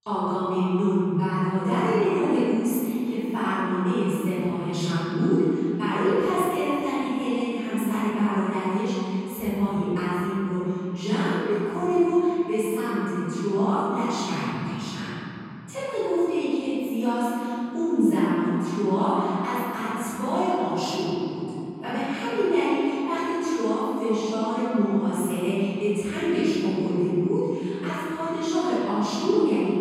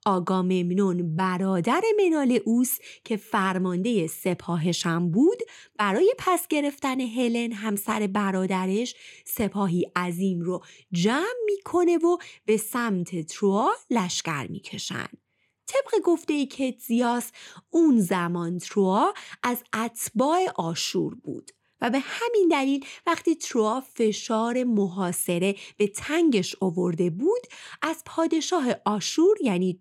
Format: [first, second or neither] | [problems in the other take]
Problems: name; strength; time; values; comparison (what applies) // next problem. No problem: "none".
second | room echo; strong; dies away in 3 s // off-mic speech; far